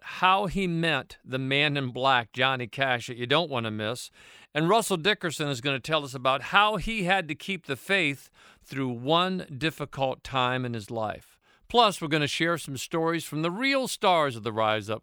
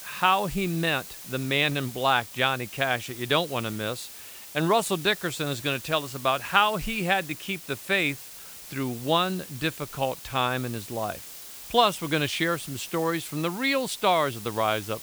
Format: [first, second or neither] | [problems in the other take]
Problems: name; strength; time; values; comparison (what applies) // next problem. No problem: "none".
first | hiss; noticeable; throughout; 15 dB below the speech